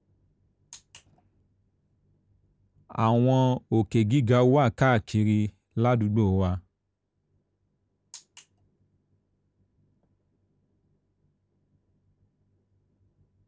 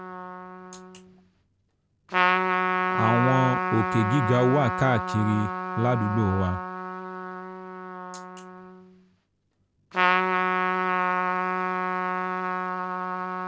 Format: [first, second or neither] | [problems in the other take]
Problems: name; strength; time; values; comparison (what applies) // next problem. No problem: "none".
first | background sound (Trumpet); 1 dB above the speech